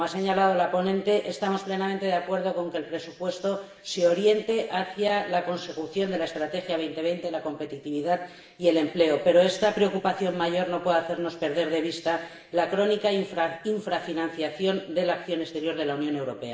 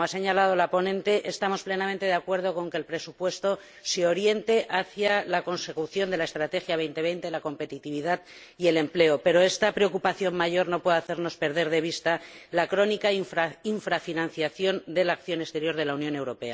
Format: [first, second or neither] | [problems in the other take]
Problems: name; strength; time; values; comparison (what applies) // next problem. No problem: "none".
second | room echo; dies away in 0.8 s